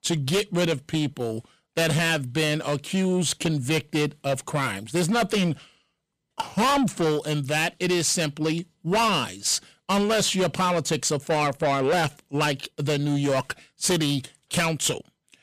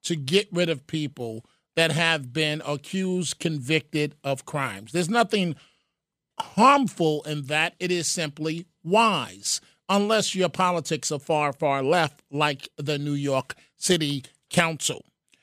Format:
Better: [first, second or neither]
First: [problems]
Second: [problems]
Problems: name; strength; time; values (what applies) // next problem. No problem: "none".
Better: second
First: distortion; heavy; 6 dB below the speech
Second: none